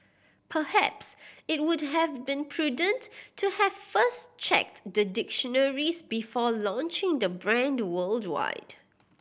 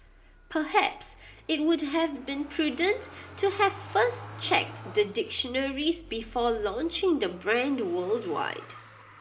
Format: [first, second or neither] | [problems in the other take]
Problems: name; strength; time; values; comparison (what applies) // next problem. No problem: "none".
first | background sound (Motor vehicle (road)); 18 dB below the speech // room echo; dies away in 0.5 s